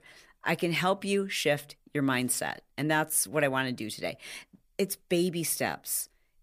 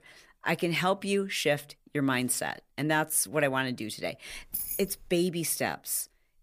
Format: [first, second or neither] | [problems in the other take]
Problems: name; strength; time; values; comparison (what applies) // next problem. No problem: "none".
first | jangling keys; noticeable; at 4.5 s; peak 3 dB below the speech